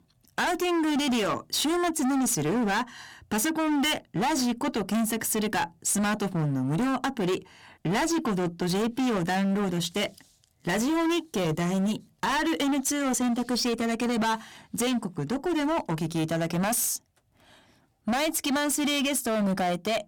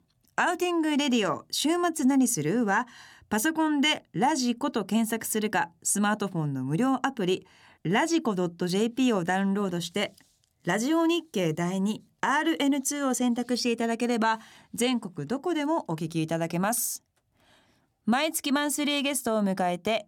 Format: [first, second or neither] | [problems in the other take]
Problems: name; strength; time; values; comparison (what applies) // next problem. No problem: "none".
second | distortion; heavy; 28% of the sound clipped